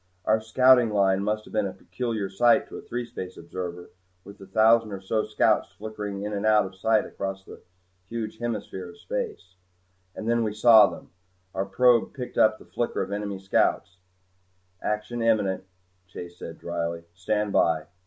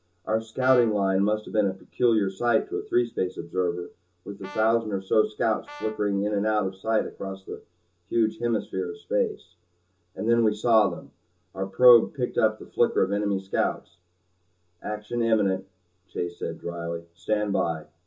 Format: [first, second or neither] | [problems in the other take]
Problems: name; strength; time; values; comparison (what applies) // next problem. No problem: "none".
first | background sound (Brass instrument); 20 dB below the speech // room echo; dies away in 0.2 s